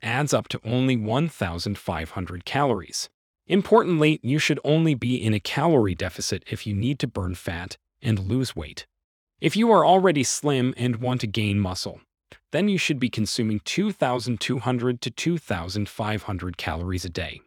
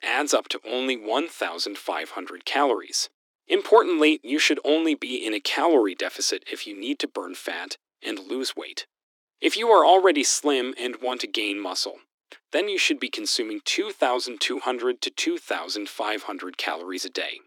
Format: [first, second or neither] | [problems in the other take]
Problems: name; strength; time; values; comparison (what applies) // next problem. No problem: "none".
first | thin; somewhat; fading below 300 Hz